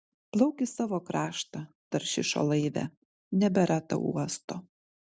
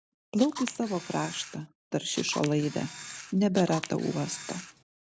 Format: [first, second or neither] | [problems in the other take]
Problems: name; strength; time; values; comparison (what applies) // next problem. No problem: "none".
first | background sound (Camera); 12 dB below the speech